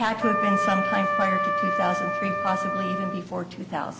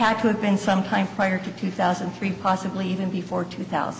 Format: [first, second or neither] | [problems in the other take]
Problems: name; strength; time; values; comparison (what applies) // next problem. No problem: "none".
second | background sound (Wind instrument, woodwind instrument); 2 dB above the speech